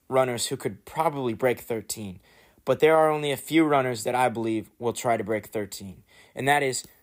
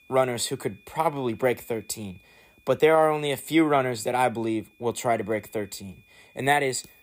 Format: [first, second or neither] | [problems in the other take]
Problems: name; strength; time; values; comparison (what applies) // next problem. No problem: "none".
first | high-pitched whine; faint; throughout; 2.5 kHz, 30 dB below the speech